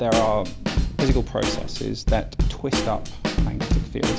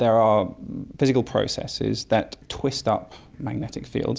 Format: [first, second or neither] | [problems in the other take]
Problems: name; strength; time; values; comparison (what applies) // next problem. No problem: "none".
second | background sound (Snare drum / Drum kit); 3 dB above the speech